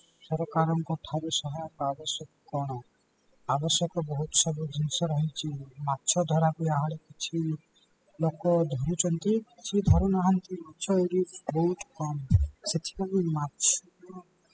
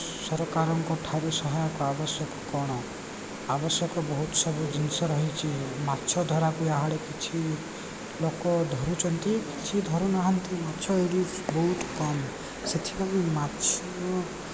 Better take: second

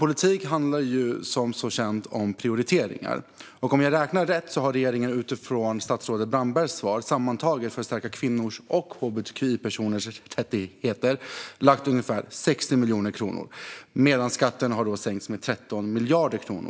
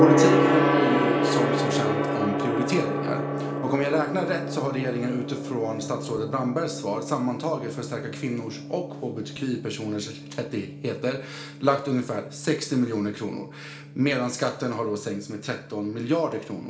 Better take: first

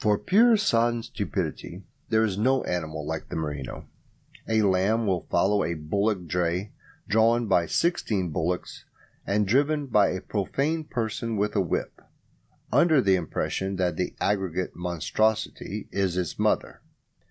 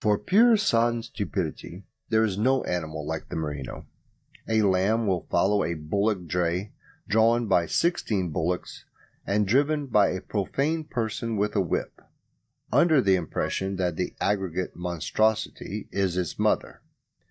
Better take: first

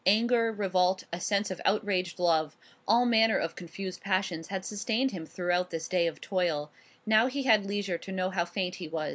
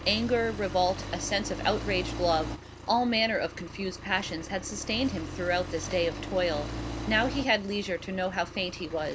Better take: first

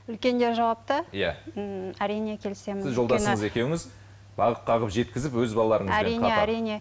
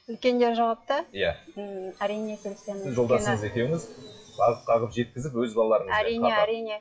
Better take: first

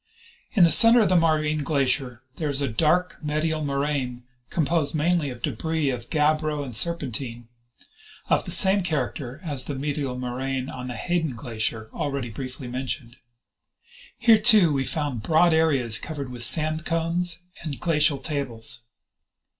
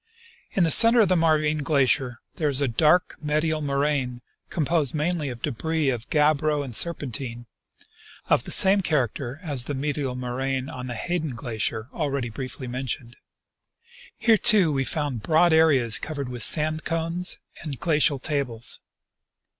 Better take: second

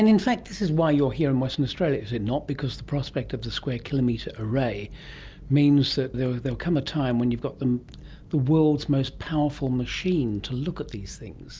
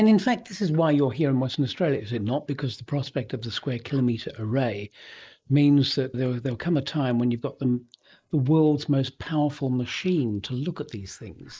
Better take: first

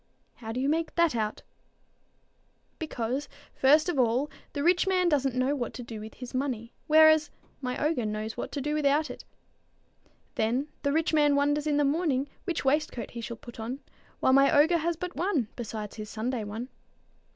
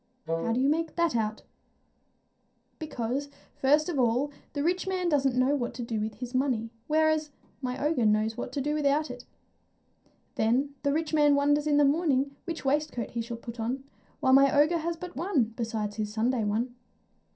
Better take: first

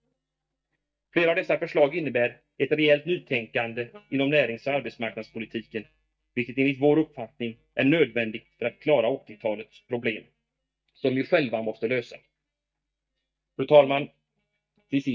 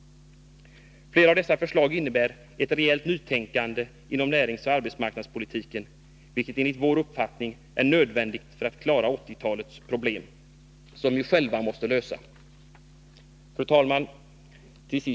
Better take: second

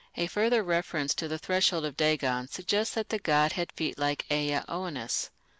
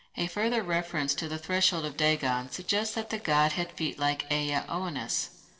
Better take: first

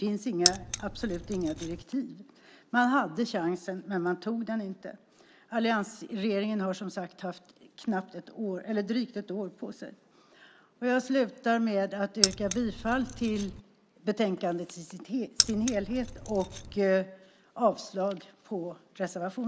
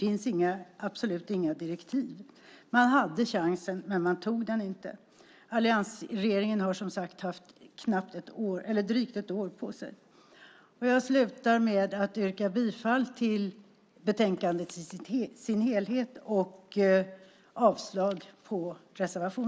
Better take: second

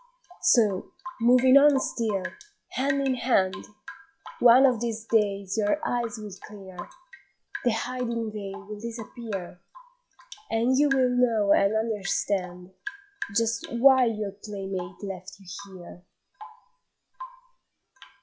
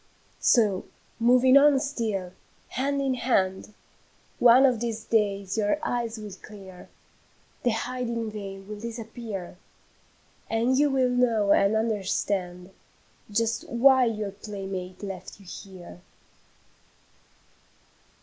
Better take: second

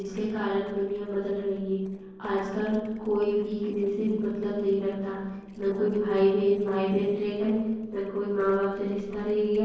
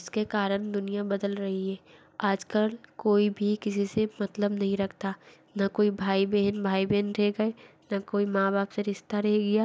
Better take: second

